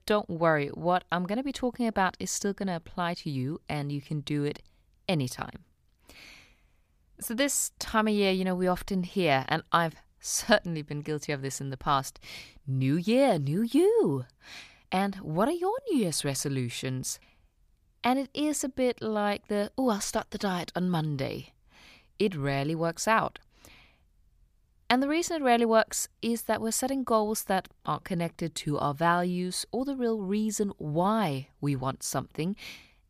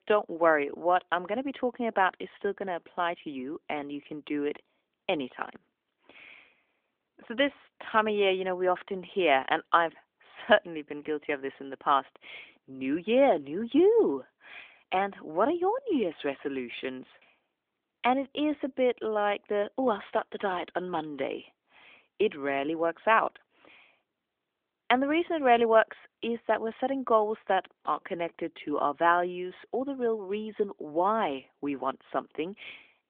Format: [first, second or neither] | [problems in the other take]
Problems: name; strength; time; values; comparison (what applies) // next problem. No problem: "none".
first | phone-call audio; nothing above 3.5 kHz